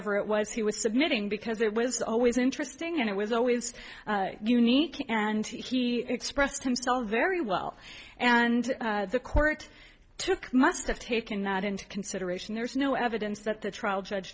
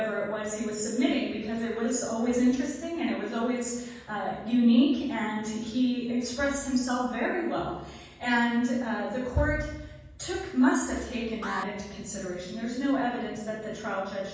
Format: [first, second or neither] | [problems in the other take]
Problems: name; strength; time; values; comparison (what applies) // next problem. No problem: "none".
first | background sound (Alarm); 14 dB below the speech // room echo; dies away in 1.2 s